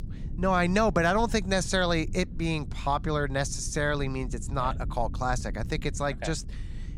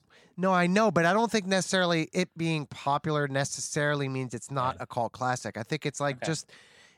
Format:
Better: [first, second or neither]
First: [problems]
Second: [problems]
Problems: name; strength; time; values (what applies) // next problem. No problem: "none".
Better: second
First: low rumble; faint; throughout; 25 dB below the speech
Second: none